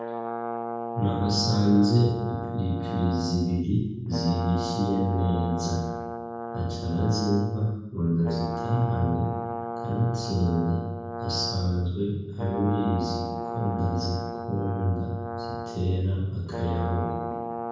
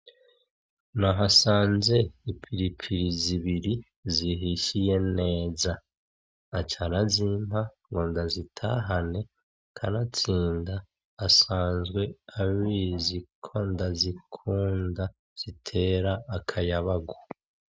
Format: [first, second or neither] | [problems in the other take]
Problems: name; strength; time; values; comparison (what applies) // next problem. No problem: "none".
second | background sound (Brass instrument); 7 dB below the speech // room echo; dies away in 1.1 s